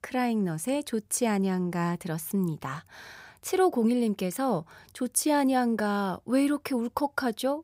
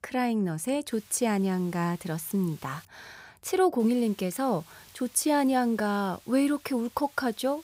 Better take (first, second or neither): first